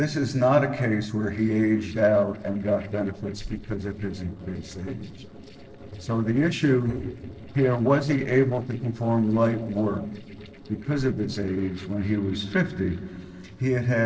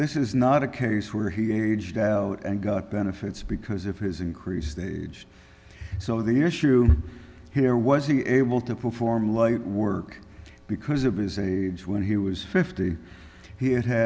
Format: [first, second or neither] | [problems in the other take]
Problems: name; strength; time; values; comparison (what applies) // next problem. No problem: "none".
second | noise reduction (neural separator model SepFormer DNS4)